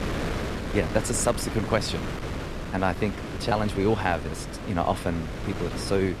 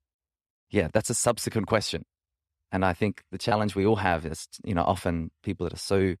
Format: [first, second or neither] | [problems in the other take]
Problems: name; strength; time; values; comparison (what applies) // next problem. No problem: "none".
second | wind noise on the microphone; heavy; 7 dB below the speech